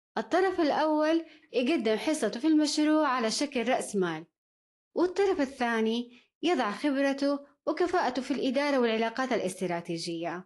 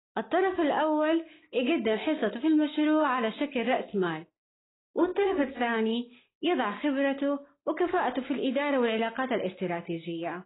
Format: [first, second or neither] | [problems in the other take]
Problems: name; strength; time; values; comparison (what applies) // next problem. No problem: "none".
first | garbled, watery; badly; nothing above 4 kHz; slightly in the first